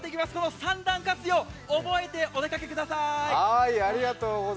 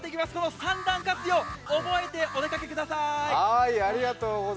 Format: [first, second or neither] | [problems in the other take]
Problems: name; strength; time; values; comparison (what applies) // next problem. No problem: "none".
first | background sound (Alarm); 13 dB below the speech